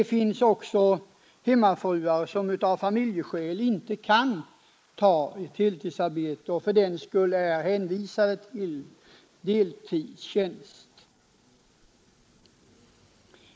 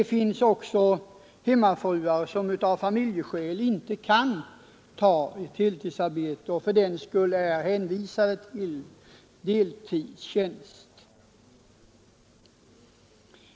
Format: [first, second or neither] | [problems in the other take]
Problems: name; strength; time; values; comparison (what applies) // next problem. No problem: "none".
second | noise reduction (neural mask model Resemble Enhance denoiser)